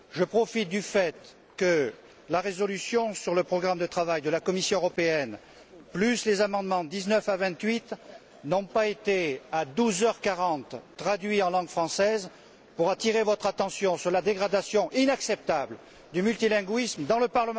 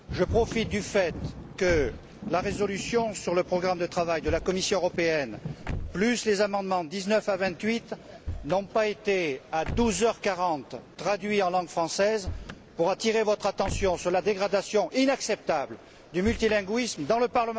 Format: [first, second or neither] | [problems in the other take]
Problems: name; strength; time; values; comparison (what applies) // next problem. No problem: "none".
first | background sound (Thunder / Rain + Slam / Car); 12 dB below the speech